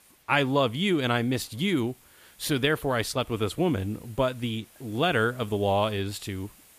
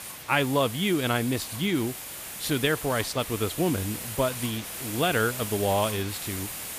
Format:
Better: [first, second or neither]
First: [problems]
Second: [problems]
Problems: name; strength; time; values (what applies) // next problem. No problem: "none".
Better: first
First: hiss; faint; throughout; 25 dB below the speech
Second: hiss; loud; throughout; 7 dB below the speech